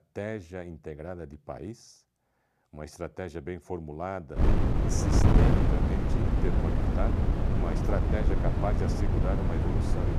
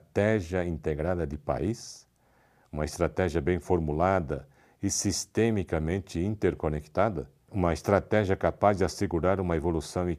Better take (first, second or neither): second